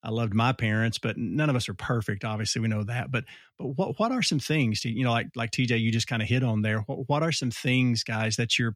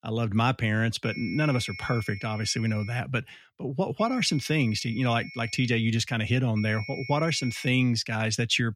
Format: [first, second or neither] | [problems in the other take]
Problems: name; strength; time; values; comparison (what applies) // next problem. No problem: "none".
first | high-pitched whine; noticeable; from 1 to 3 s, from 4 to 5.5 s and from 6.5 to 7.5 s; 2 kHz, 15 dB below the speech